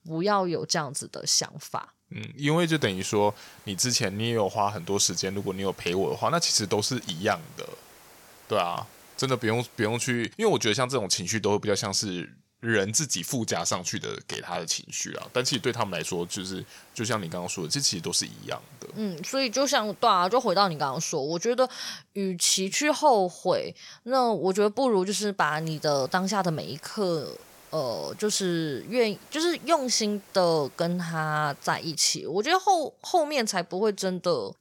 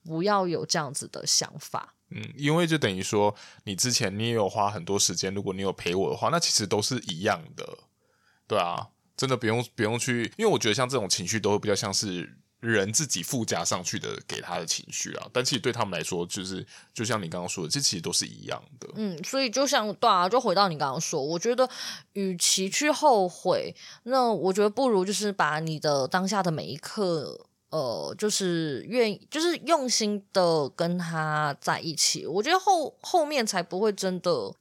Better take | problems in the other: second | hiss; faint; from 2.5 to 10 s, from 15 to 21 s and from 25 to 32 s; 25 dB below the speech

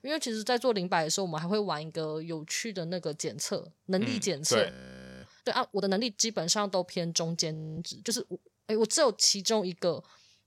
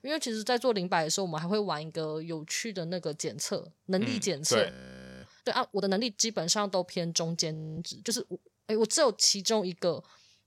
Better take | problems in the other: neither | audio freezing; at 4.5 s for 0.5 s and at 7.5 s; the same in both

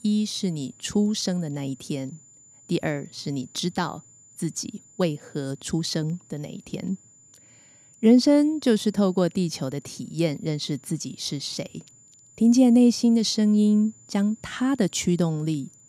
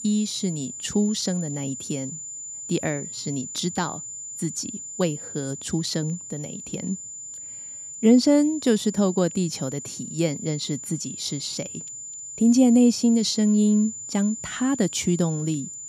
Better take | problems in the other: first | high-pitched whine; loud; throughout; 7 kHz, 10 dB below the speech; faint in the first

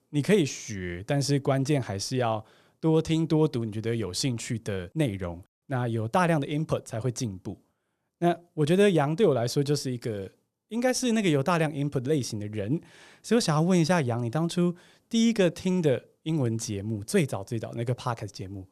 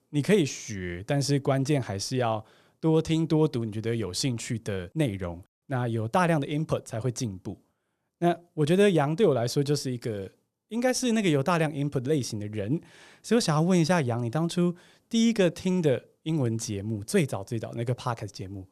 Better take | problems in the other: neither | none

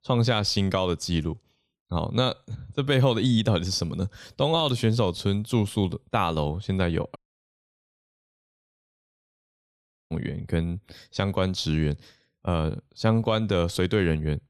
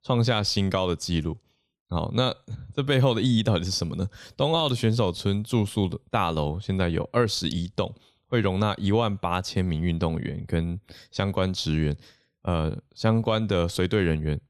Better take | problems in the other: second | audio cutting out; at 7 s for 3 s

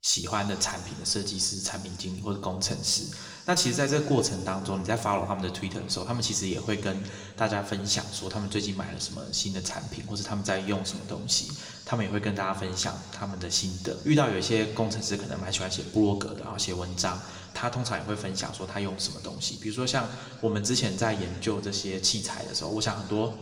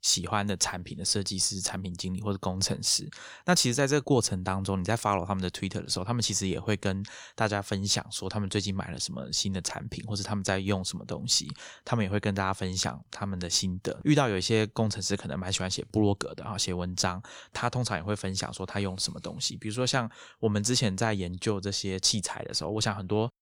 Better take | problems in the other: second | room echo; slight; dies away in 1.7 s

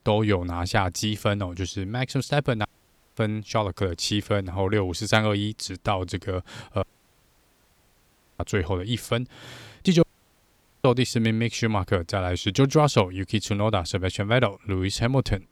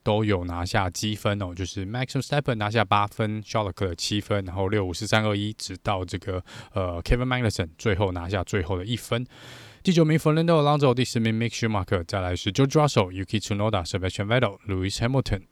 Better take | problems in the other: second | audio cutting out; at 2.5 s for 0.5 s, at 7 s for 1.5 s and at 10 s for 1 s

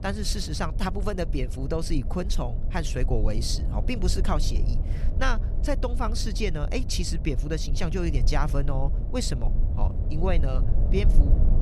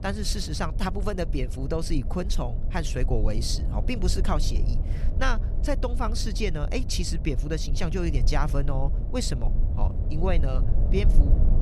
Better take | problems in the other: neither | low rumble; noticeable; throughout; 10 dB below the speech; the same in both

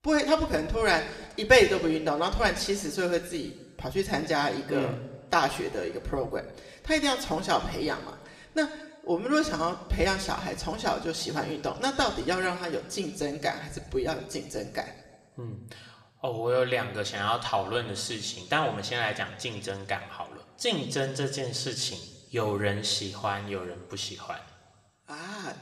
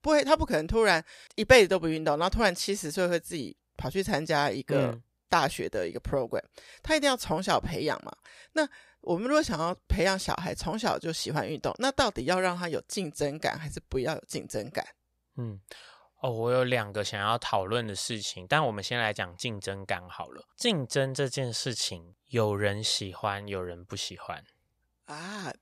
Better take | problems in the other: second | room echo; slight; dies away in 1.3 s

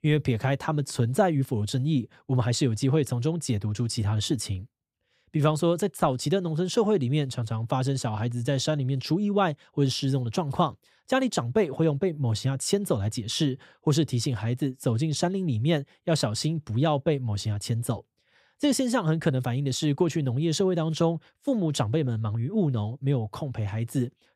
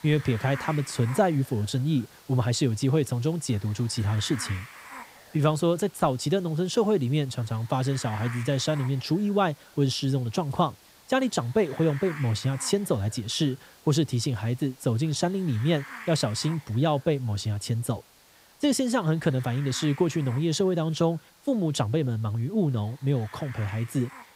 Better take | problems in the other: first | hiss; noticeable; throughout; 20 dB below the speech

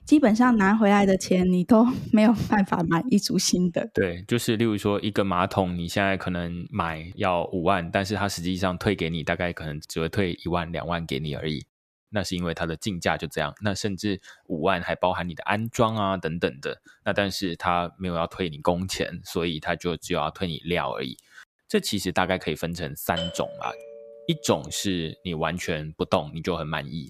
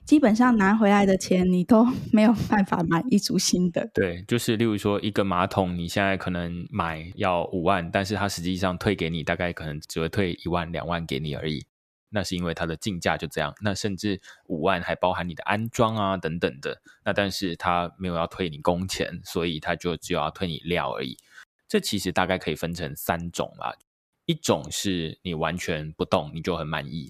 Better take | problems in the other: second | doorbell; noticeable; from 23 to 24 s; peak 7 dB below the speech

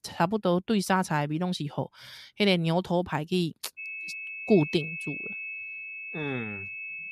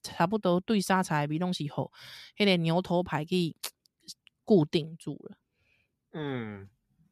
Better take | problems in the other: second | high-pitched whine; loud; from 4 s on; 2.5 kHz, 8 dB below the speech

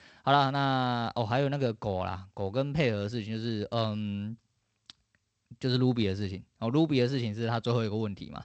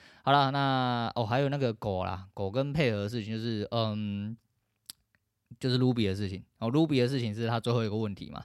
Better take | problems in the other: second | garbled, watery; slightly; nothing above 7.5 kHz

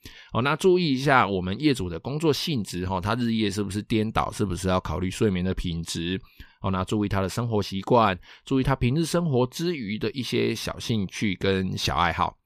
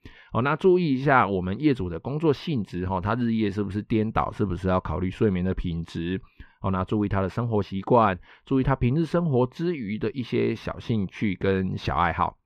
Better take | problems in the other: first | muffled; slightly; fading above 4 kHz

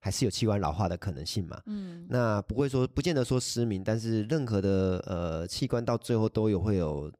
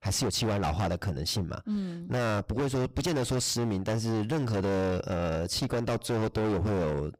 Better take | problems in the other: first | distortion; heavy; 28% of the sound clipped

